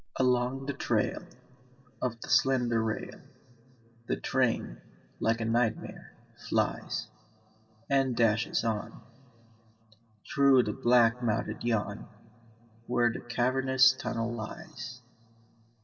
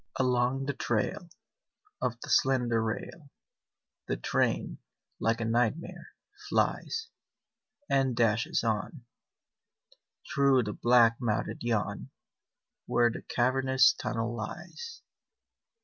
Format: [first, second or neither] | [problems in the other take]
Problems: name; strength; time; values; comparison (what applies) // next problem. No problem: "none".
second | room echo; dies away in 2.1 s